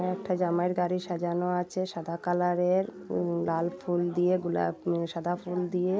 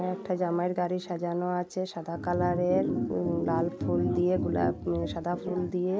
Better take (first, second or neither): first